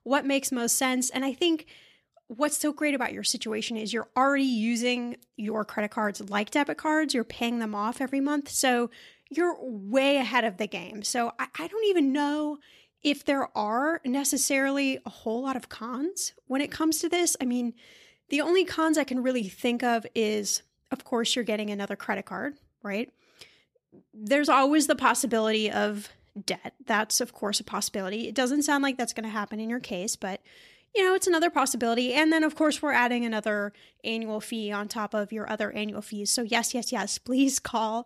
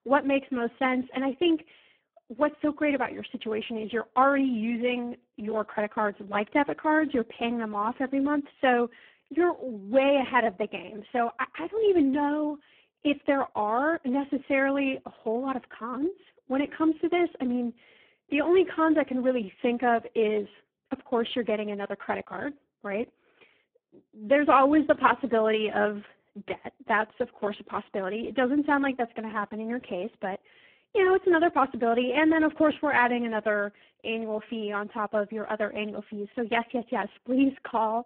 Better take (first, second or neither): first